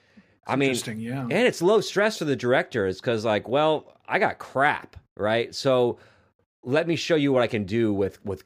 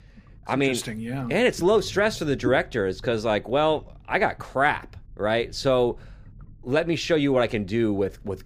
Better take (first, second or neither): first